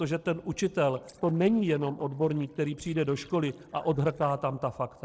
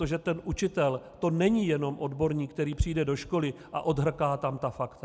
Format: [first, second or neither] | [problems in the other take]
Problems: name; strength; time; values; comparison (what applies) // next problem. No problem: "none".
second | noise reduction (neural separator model SepFormer DNS4)